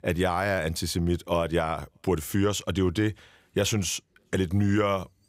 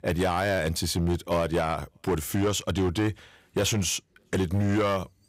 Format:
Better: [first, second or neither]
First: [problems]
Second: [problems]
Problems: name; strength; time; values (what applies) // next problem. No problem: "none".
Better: first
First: none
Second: distortion; slight; 10% of the sound clipped